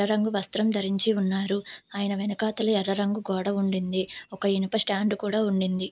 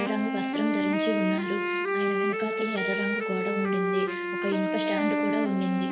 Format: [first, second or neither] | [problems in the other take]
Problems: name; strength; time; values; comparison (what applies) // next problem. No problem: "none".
first | background sound (Wind instrument, woodwind instrument); 2 dB above the speech // room echo; dies away in 2.7 s